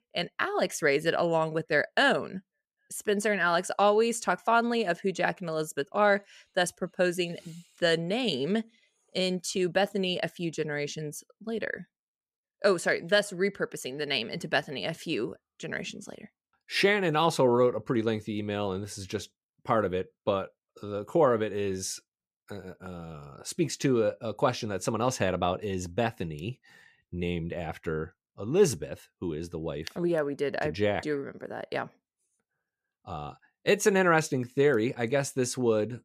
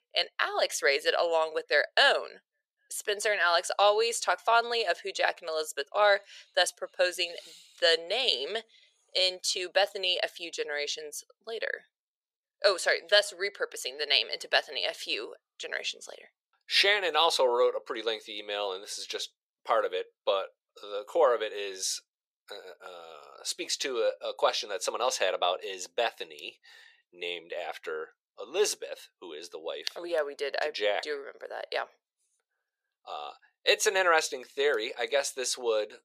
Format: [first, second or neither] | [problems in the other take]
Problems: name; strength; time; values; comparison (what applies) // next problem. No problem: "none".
first | thin; very; fading below 500 Hz